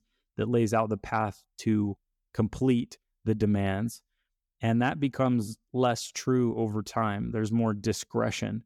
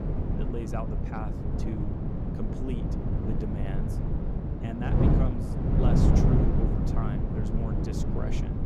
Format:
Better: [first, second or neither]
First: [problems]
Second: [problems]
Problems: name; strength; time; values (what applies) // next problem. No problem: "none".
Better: first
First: none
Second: wind noise on the microphone; heavy; 4 dB above the speech